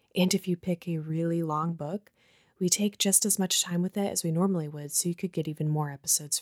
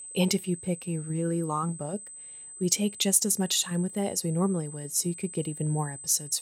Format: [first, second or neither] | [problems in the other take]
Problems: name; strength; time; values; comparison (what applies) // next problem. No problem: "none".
first | high-pitched whine; noticeable; throughout; 8 kHz, 15 dB below the speech